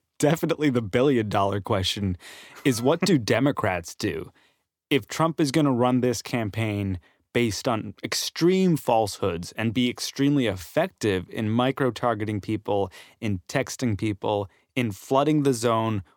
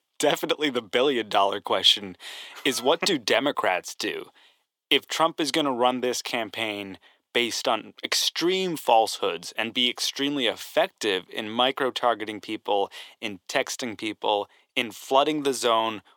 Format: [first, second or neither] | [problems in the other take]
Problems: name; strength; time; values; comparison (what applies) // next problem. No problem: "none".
first | thin; somewhat; fading below 400 Hz